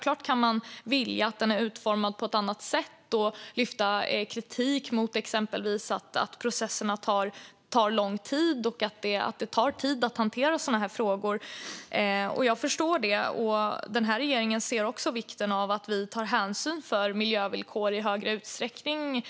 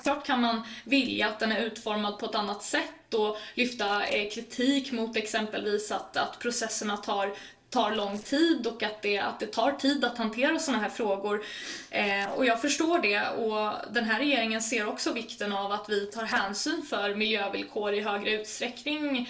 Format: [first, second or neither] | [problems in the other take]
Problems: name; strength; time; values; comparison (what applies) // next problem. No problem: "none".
first | noise reduction (neural separator model SepFormer DNS4)